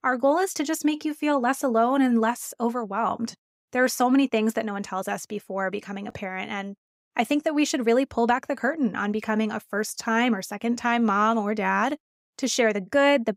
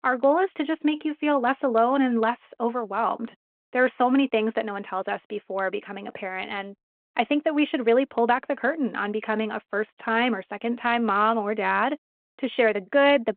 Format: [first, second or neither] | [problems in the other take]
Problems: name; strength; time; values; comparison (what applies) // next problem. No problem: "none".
first | phone-call audio